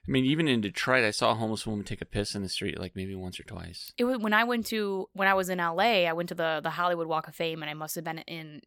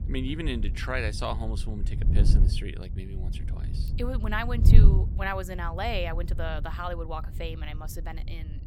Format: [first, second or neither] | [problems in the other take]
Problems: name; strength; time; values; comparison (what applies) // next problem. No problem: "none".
first | wind noise on the microphone; occasional gusts; 10 dB below the speech